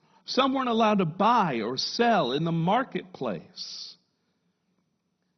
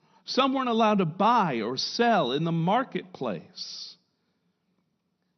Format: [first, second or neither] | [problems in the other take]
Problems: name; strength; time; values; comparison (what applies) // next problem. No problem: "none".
second | garbled, watery; badly; nothing above 6 kHz; slightly in the second